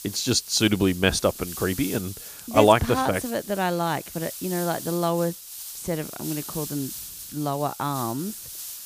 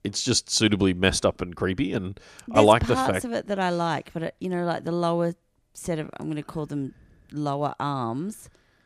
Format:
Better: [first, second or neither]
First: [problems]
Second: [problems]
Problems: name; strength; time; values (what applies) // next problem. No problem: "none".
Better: second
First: hiss; noticeable; throughout; 10 dB below the speech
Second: none